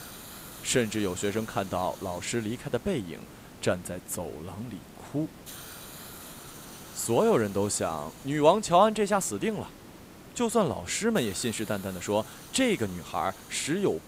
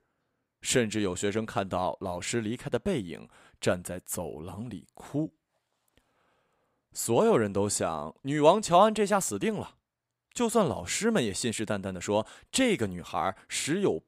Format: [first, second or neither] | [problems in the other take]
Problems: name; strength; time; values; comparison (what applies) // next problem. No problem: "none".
second | hiss; noticeable; throughout; 15 dB below the speech